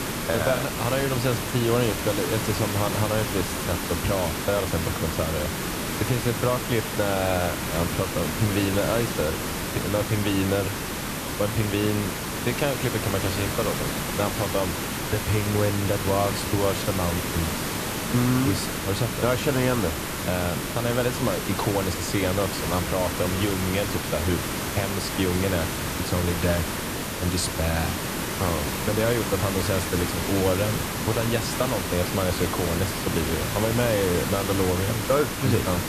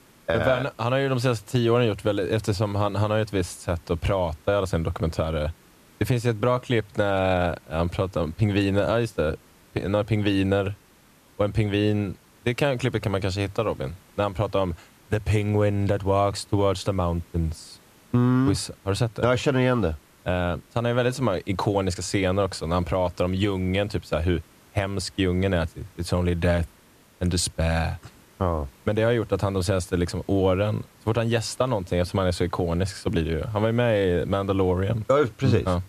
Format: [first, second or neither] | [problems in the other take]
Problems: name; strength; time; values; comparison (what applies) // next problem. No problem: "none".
second | hiss; loud; throughout; 1 dB below the speech; faint in the second